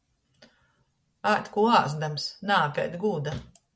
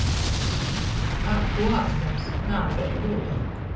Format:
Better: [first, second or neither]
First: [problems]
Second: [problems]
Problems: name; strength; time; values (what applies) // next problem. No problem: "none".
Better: first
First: none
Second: background sound (Explosion); 5 dB above the speech // room echo; dies away in 0.6 s